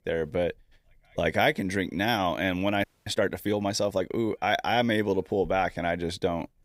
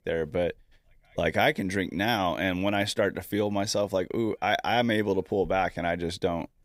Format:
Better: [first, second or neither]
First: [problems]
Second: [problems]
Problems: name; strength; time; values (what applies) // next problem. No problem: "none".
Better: second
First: audio freezing; at 3 s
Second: none